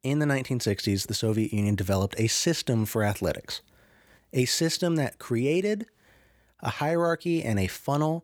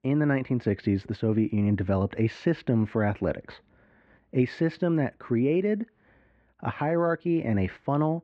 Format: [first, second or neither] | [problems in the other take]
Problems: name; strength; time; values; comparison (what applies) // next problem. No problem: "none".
first | muffled; very; fading above 2 kHz